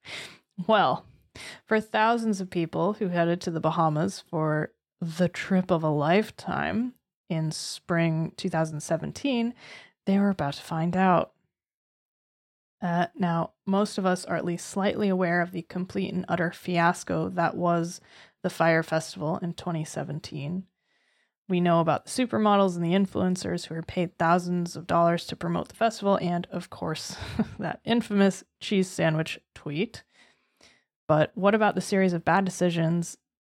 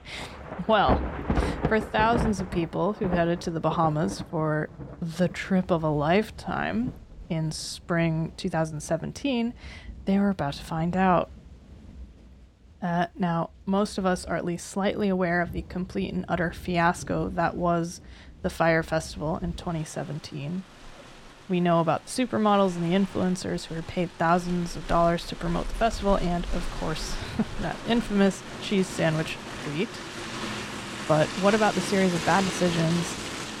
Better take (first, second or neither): first